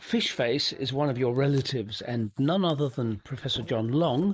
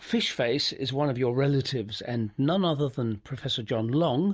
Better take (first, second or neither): second